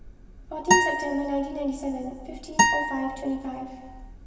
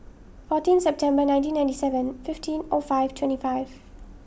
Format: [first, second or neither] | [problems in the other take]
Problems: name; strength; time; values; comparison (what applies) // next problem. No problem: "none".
second | background sound (Acoustic guitar); 4 dB above the speech // room echo; dies away in 1.3 s